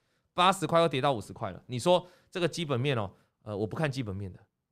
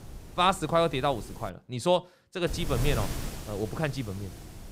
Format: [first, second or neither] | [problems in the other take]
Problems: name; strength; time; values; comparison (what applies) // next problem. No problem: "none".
first | wind noise on the microphone; occasional gusts; until 1.5 s and from 2.5 s on; 15 dB below the speech